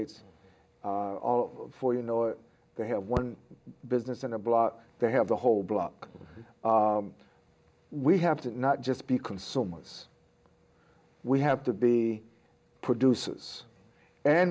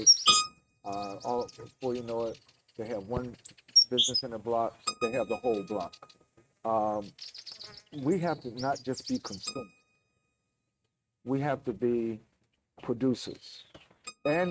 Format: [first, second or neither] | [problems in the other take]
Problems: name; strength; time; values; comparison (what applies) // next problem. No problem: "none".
first | noise reduction (neural mask model RNNoise)